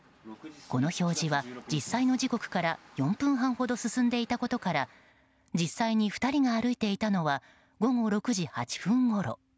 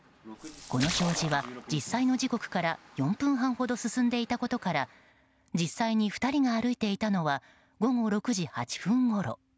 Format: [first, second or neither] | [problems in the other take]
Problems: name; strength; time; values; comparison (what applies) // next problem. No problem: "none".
first | background sound (Splash, splatter); 8 dB below the speech